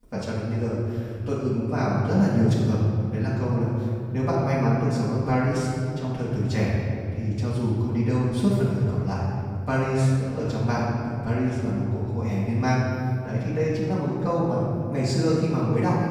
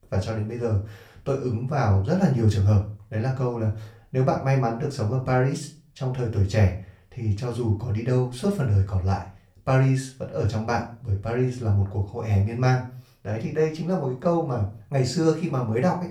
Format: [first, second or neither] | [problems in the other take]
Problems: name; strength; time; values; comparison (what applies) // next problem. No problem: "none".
second | room echo; strong; dies away in 2.4 s; slight in the second // off-mic speech; far; far in the second